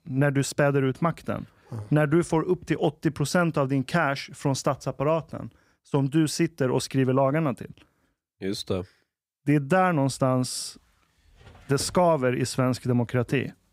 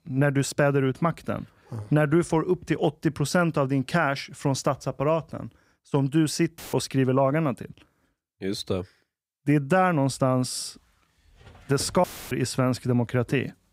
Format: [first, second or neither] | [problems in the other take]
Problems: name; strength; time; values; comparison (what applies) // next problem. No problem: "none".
first | audio cutting out; filled with static; at 6.5 s and at 12 s